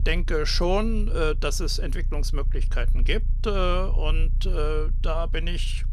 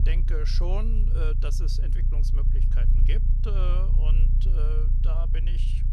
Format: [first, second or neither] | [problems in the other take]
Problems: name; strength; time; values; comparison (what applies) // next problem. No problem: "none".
first | low rumble; loud; throughout; 5 dB below the speech; faint in the first